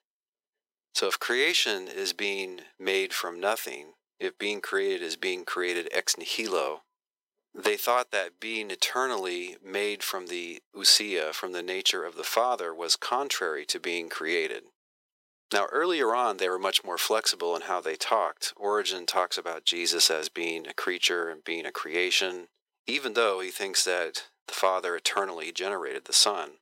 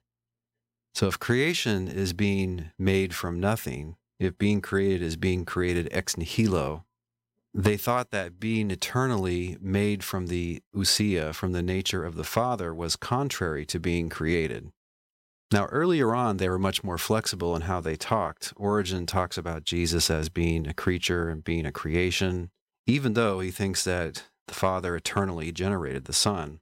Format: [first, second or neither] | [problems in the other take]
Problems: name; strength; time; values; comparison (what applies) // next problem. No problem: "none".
second | thin; very; fading below 400 Hz